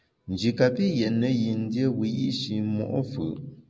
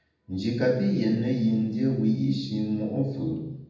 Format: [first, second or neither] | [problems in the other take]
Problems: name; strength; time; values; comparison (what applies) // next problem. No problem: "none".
first | room echo; dies away in 0.8 s